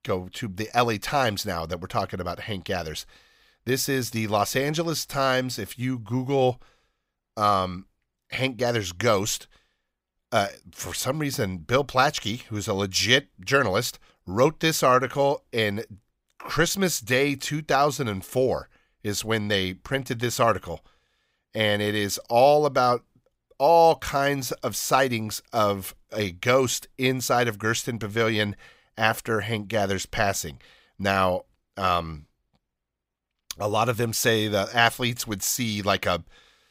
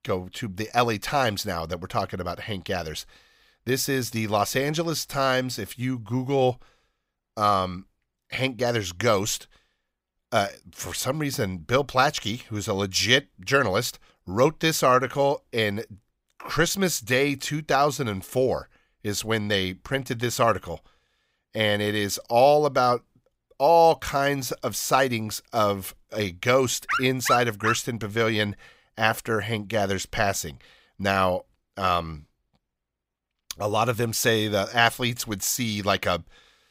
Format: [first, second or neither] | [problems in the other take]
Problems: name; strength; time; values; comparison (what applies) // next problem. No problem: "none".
first | dog barking; noticeable; at 27 s; peak 2 dB below the speech